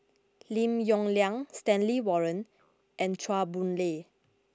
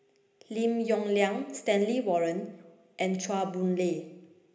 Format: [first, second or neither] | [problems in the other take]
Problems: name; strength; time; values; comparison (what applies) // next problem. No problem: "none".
first | room echo; dies away in 0.8 s